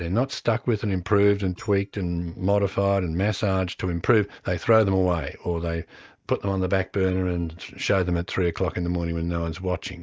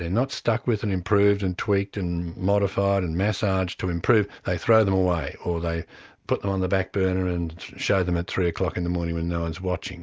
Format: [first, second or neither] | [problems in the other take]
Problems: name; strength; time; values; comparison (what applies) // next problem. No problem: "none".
second | noise reduction (neural mask model DeepFilterNet 3)